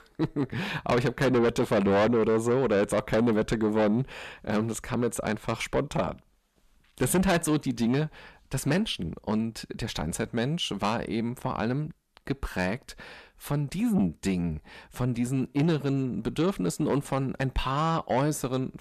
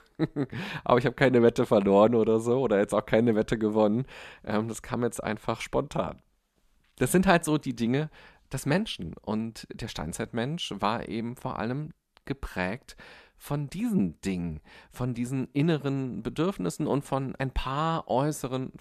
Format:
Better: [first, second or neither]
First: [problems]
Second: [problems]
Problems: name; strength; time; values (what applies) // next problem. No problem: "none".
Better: second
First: distortion; heavy; 8 dB below the speech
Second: none